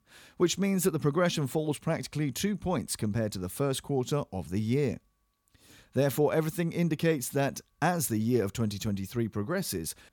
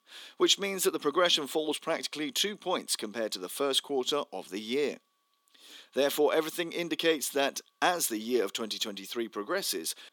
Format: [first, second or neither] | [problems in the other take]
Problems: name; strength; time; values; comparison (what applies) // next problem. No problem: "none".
first | thin; somewhat; fading below 300 Hz